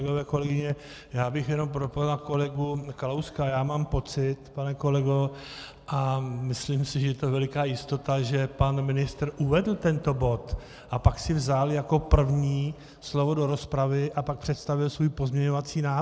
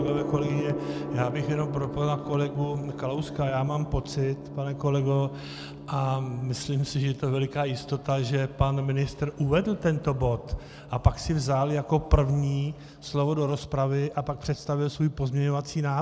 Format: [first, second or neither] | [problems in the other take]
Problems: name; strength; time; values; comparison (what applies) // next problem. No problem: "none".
first | background sound (Gong); 11 dB below the speech